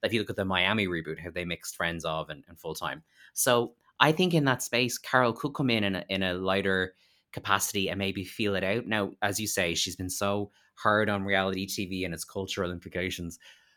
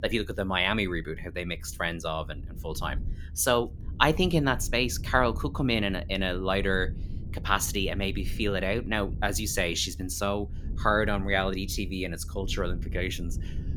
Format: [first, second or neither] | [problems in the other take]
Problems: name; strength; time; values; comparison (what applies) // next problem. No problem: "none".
first | low rumble; faint; throughout; 25 dB below the speech